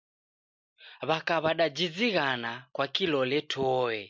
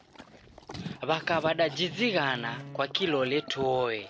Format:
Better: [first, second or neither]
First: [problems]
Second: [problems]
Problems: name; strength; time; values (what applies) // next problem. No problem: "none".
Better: first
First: none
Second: background sound (Bowed string instrument + Livestock, farm animals, working animals); 14 dB below the speech